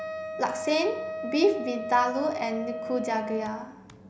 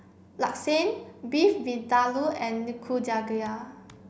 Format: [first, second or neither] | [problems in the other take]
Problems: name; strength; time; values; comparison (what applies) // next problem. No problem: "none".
second | background sound (Wind instrument, woodwind instrument); 7 dB below the speech